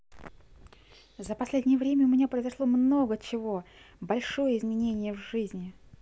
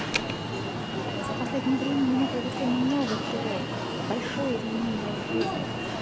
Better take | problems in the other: first | background sound (Alarm); as loud as the speech

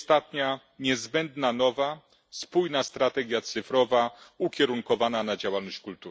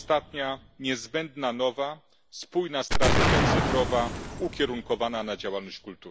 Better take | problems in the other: first | background sound (Explosion); 1 dB above the speech

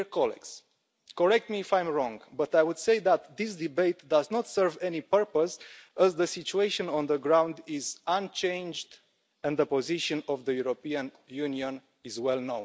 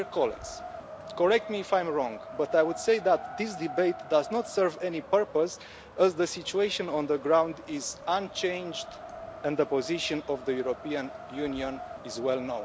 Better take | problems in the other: first | background sound (Wind); 14 dB below the speech

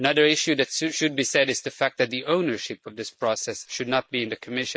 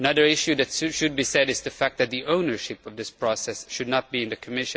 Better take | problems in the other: second | noise reduction (neural mask model Resemble Enhance denoiser)

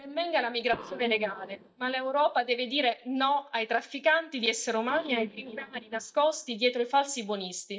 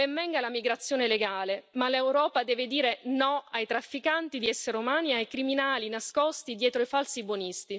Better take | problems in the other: second | noise reduction (neural mask model DeepFilterNet 3)

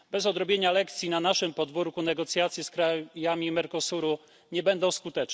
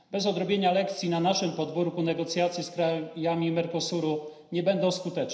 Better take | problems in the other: first | room echo; dies away in 0.9 s

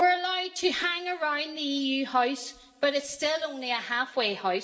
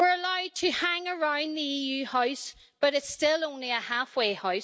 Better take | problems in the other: second | room echo; dies away in 1.8 s

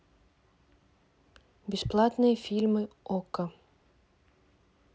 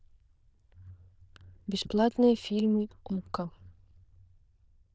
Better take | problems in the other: first | noise reduction (neural diffusion model UNIVERSE++)

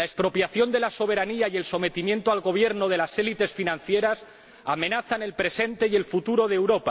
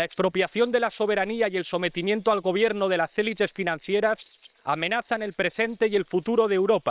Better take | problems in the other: first | noise reduction (neural separator model SepFormer WHAM!)

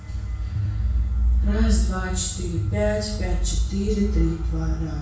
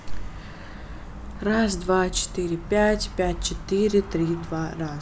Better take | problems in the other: second | background sound (Piano); 12 dB below the speech // room echo; dies away in 0.6 s

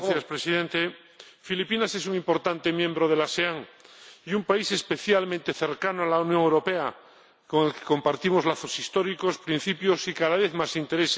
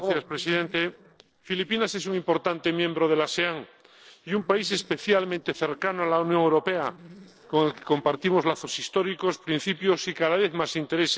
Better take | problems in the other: first | noise reduction (neural separator model SepFormer DNS4)

